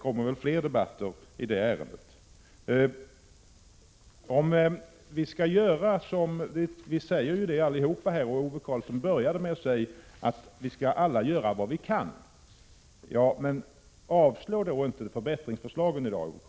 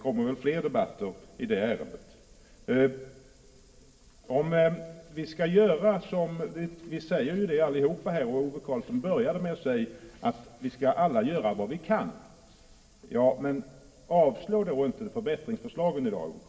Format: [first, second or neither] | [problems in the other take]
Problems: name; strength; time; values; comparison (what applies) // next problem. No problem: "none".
first | room echo; dies away in 1.7 s